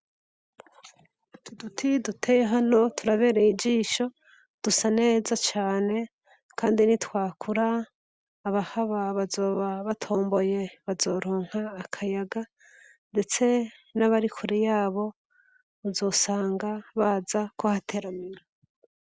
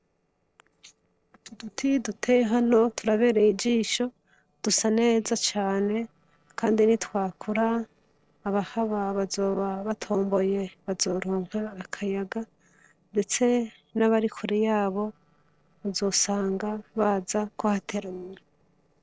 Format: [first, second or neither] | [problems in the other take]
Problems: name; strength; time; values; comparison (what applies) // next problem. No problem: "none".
first | noise reduction (neural separator model SepFormer DNS4)